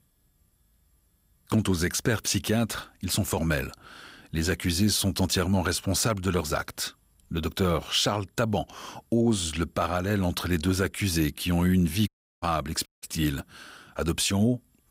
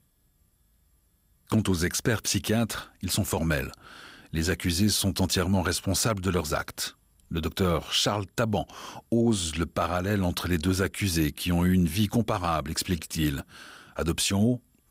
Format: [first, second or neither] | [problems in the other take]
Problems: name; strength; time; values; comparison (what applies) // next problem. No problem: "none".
second | audio cutting out; at 12 s and at 13 s